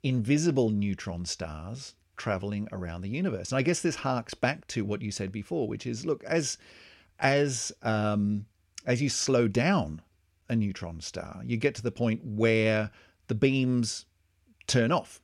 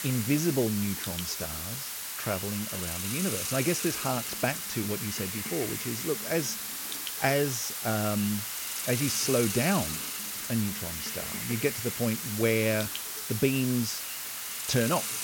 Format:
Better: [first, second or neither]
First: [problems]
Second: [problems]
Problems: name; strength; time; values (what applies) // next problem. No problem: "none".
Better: first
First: none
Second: hiss; loud; throughout; 2 dB below the speech